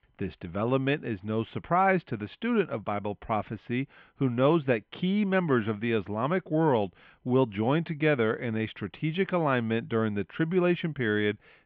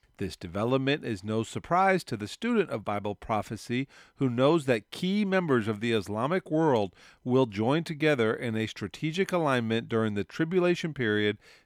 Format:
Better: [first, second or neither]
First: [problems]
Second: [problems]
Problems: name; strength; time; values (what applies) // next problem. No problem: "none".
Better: second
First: muffled; very; fading above 3 kHz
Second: none